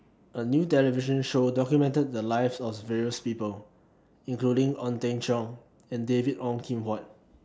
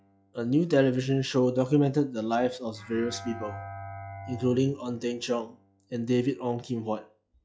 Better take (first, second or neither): first